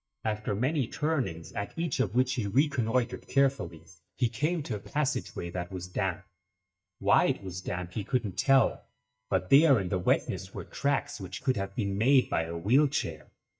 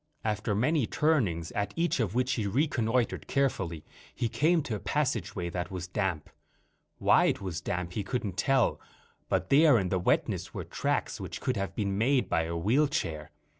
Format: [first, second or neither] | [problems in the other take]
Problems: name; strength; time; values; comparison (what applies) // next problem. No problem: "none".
second | noise reduction (neural mask model DeepFilterNet 3)